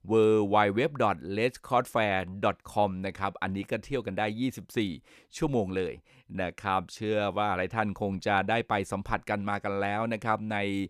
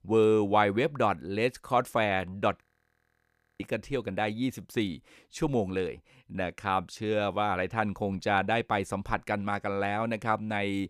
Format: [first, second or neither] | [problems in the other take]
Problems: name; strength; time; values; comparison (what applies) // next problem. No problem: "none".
first | audio freezing; at 2.5 s for 1 s